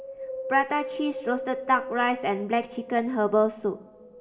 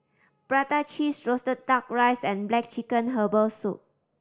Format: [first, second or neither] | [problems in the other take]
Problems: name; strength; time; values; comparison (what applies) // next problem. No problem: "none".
second | background sound (Wind); 10 dB below the speech // room echo; dies away in 2 s